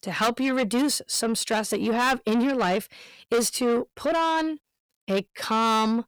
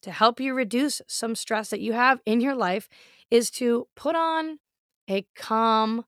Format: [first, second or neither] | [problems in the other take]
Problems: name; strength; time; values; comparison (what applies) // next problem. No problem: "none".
second | distortion; heavy; 7 dB below the speech